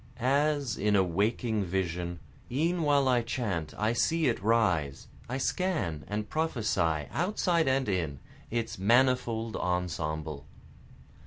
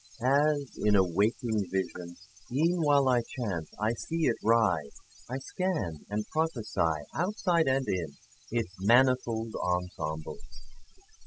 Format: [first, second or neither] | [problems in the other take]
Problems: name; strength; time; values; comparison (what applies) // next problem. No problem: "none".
first | noise reduction (classical method spectral subtraction)